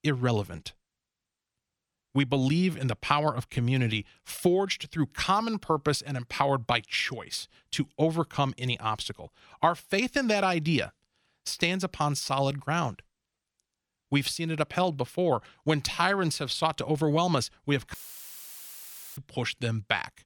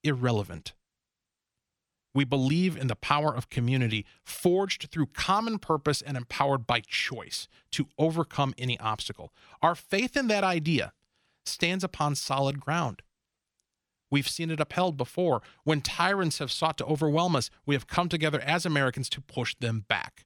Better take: second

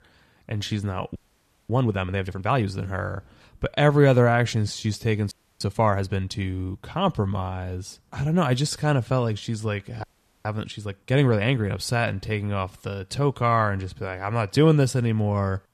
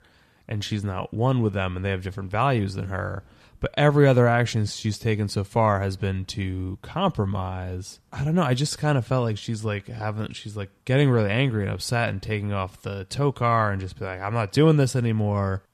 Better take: second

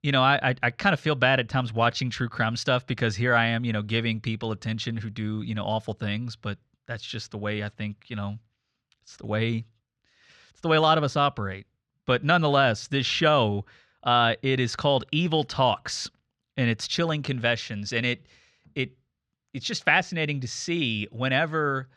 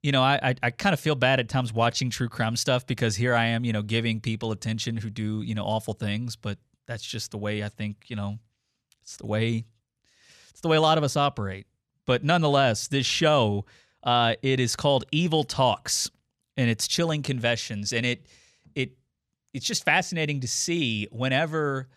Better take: second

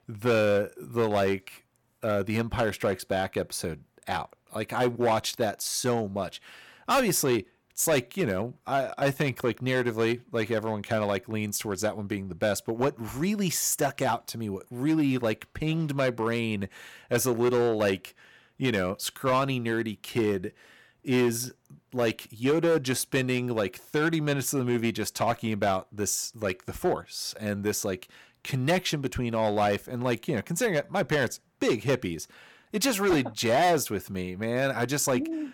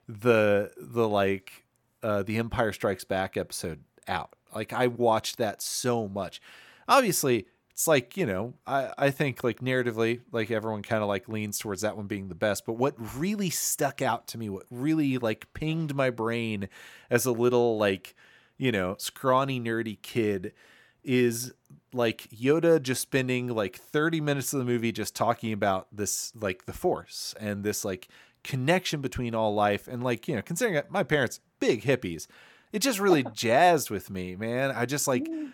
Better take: second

